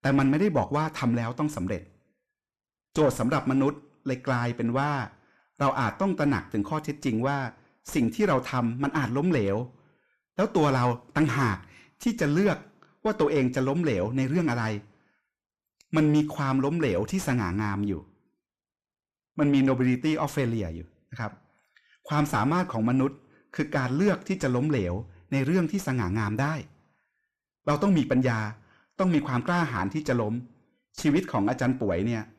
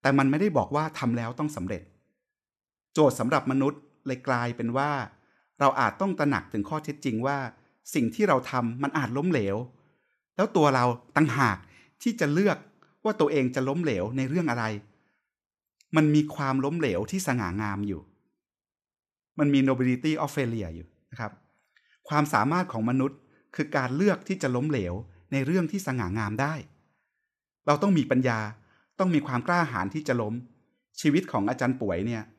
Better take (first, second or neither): second